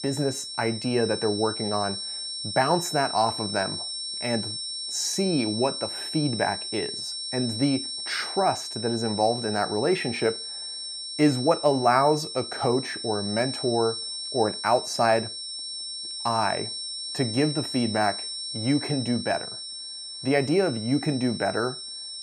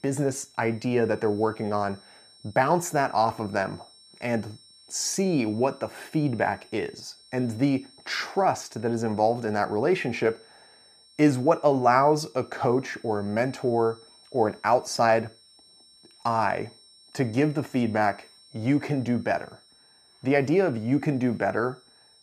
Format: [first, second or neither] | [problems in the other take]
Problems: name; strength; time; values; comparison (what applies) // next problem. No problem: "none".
second | high-pitched whine; loud; throughout; 5.5 kHz, 5 dB below the speech; faint in the second